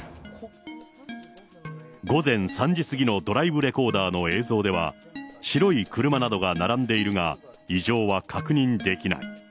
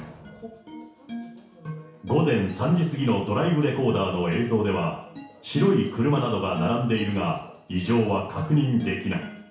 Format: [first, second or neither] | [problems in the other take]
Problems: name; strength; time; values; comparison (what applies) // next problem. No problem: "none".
first | room echo; dies away in 0.6 s